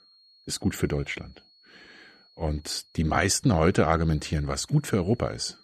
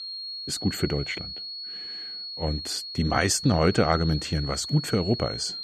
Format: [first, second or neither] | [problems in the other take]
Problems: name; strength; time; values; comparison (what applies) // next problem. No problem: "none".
first | high-pitched whine; loud; throughout; 4.5 kHz, 8 dB below the speech; faint in the first